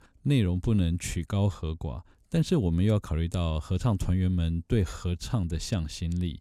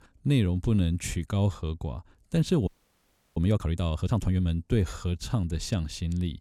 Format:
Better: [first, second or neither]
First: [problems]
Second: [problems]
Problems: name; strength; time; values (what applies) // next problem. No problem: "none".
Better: first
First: none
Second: audio freezing; at 2.5 s for 0.5 s